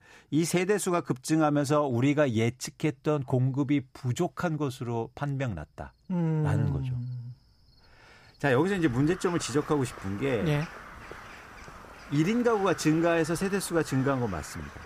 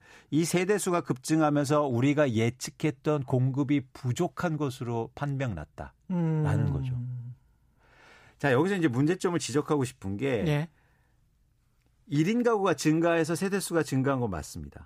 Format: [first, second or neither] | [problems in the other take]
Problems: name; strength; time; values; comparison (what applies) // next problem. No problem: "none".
second | animal sounds; noticeable; throughout; 15 dB below the speech